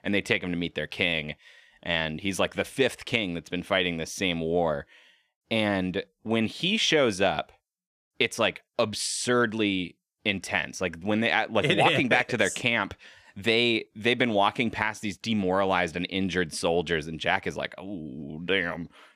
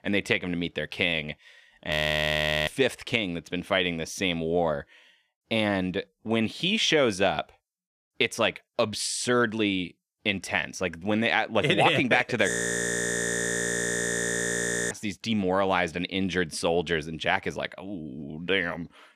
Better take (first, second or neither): first